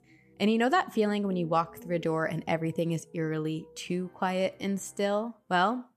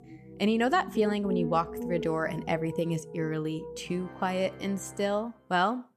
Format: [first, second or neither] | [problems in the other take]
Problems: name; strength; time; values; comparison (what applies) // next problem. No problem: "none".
first | background music; loud; throughout; 9 dB below the speech; faint in the first